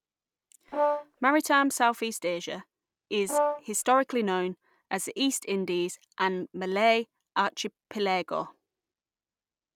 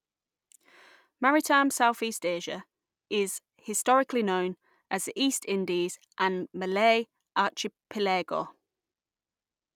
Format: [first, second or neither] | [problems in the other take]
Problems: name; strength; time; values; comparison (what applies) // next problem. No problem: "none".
second | background sound (Brass instrument); 1 dB below the speech